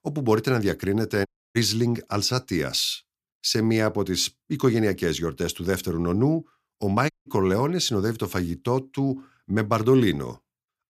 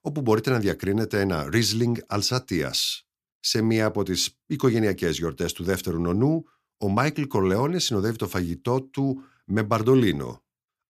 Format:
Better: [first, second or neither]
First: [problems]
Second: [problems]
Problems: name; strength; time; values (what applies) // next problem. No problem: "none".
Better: second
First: audio cutting out; at 1.5 s and at 7 s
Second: none